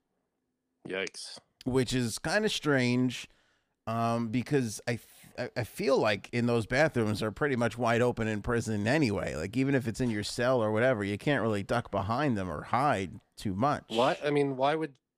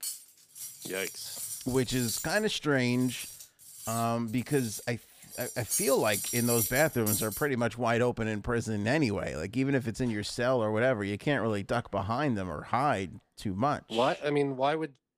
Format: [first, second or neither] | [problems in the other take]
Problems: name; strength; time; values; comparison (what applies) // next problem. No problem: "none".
first | clattering dishes; loud; until 7.5 s; peak 1 dB above the speech